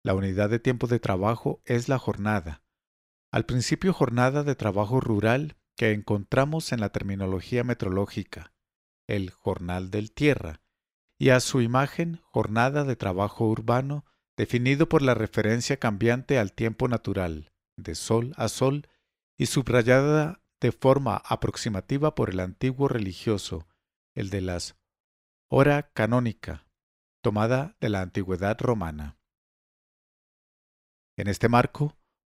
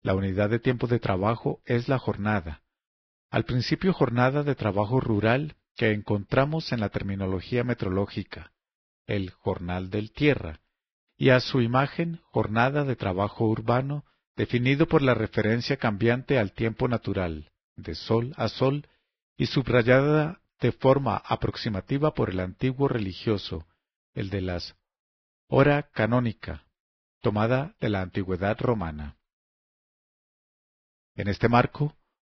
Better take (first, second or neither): first